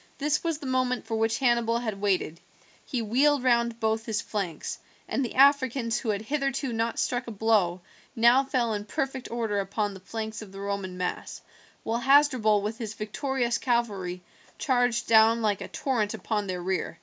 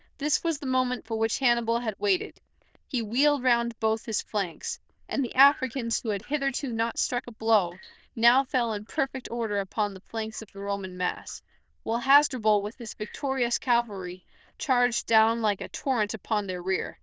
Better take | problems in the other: first | noise reduction (neural diffusion model UNIVERSE++)

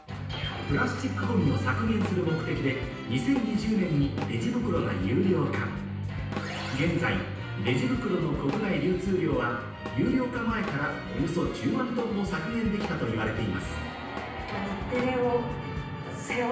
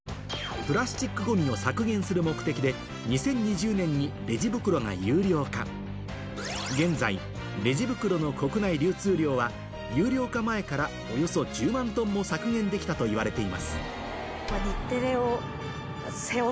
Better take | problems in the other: second | background sound (Drum kit); 13 dB below the speech // room echo; dies away in 0.9 s

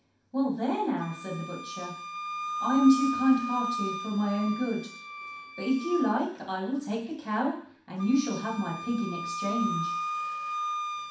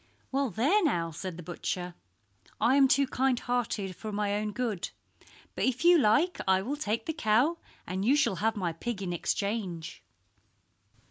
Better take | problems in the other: second | background sound (Wind instrument, woodwind instrument); 7 dB below the speech // room echo; dies away in 0.6 s

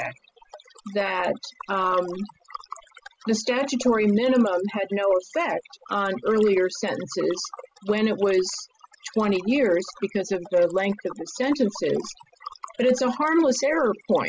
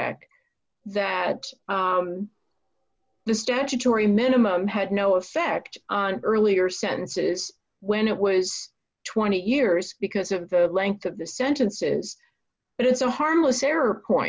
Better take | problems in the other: second | noise reduction (classical method spectral subtraction)

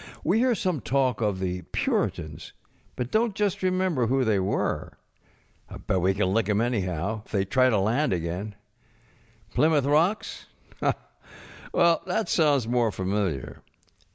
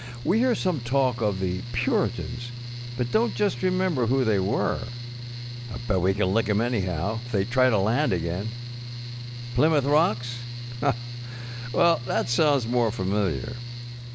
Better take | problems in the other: first | background sound (Mechanical fan); 9 dB below the speech

